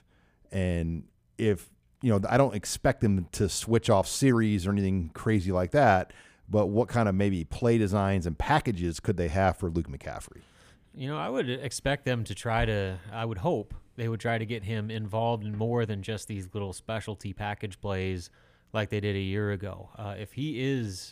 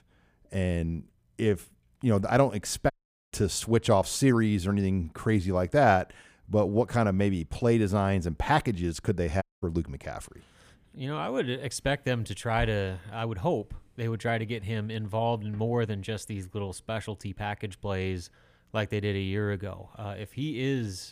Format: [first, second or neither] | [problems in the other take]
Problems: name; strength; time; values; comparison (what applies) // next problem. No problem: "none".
first | audio cutting out; at 3 s and at 9.5 s